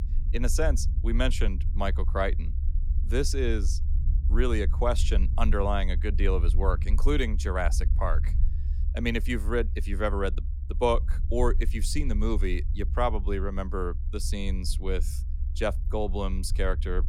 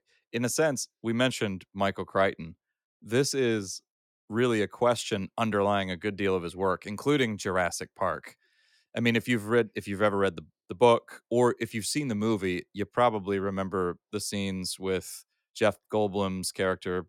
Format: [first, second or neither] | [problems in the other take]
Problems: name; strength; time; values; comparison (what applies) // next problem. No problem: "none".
second | low rumble; noticeable; throughout; 20 dB below the speech